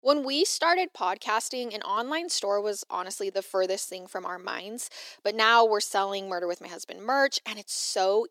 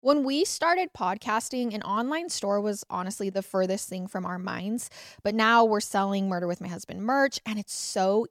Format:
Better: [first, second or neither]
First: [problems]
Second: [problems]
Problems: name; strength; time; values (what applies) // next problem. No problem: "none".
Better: second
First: thin; somewhat; fading below 350 Hz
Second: none